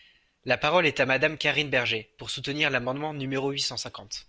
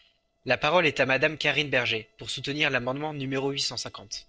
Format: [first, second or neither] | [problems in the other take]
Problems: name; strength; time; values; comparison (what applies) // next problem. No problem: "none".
first | noise reduction (neural separator model SepFormer DNS4)